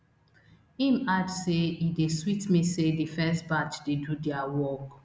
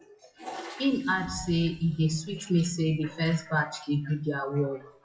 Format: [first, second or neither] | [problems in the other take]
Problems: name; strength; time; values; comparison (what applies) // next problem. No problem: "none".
first | noise reduction (classical method WPE with log-MMSE)